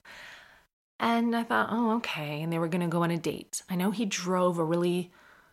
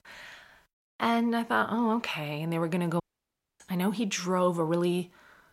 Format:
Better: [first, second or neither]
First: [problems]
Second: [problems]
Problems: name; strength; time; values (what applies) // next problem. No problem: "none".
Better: first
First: none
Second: audio cutting out; at 3 s for 0.5 s